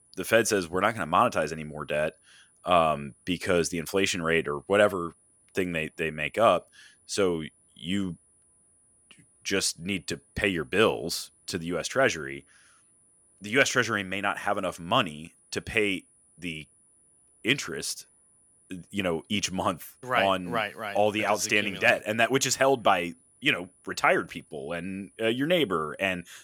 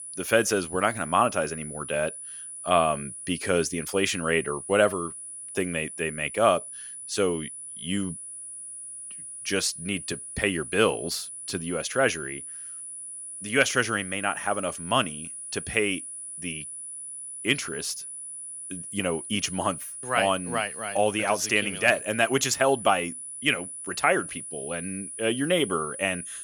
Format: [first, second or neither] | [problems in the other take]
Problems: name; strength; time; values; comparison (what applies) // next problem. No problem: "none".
first | high-pitched whine; loud; throughout; 10 kHz, 9 dB below the speech; faint in the first